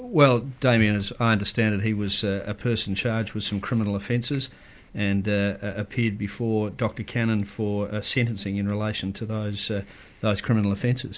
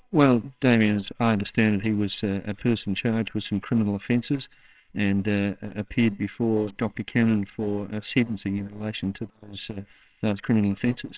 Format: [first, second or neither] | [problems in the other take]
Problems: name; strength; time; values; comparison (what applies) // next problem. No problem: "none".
first | noise reduction (neural separator model SepFormer WHAMR!)